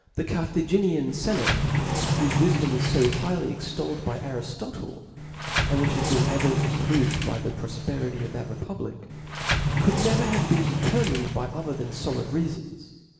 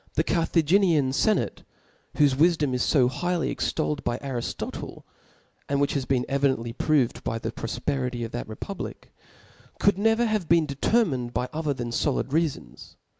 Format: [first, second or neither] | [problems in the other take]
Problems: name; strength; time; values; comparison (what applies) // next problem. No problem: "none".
second | background sound (Sliding door); 1 dB above the speech // room echo; dies away in 1.4 s